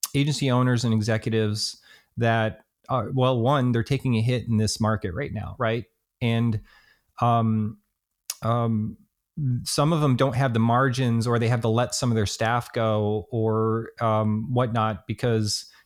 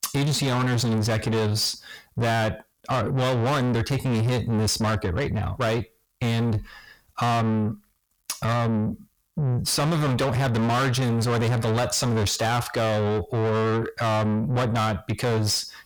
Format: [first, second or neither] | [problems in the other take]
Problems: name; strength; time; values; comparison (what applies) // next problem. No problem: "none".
first | distortion; heavy; 7 dB below the speech